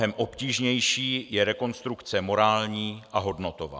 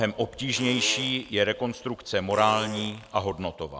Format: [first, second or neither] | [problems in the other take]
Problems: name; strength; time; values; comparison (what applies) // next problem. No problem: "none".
first | background sound (Fart); 15 dB below the speech